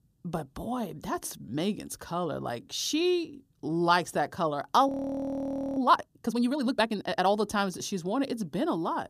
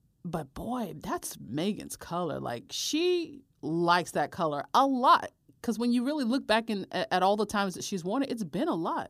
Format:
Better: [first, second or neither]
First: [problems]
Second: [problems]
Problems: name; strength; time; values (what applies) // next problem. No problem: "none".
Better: second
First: audio freezing; at 5 s for 1 s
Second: none